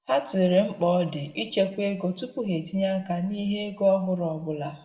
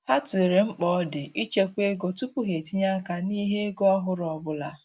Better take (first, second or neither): second